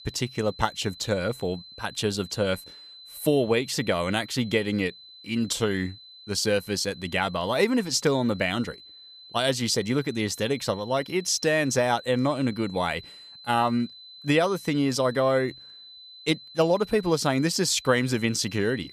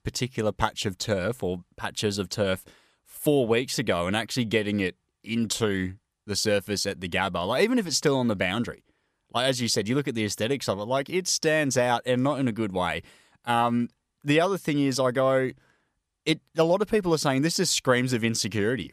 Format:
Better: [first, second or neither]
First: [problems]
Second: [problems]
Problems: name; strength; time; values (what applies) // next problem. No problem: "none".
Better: second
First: high-pitched whine; noticeable; throughout; 4 kHz, 20 dB below the speech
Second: none